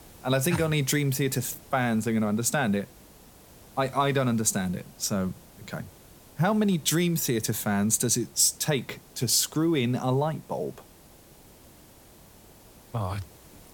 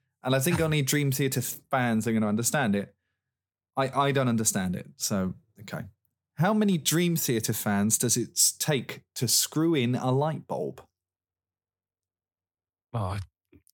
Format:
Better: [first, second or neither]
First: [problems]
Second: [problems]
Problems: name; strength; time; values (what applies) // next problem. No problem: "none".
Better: second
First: hiss; faint; throughout; 25 dB below the speech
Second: none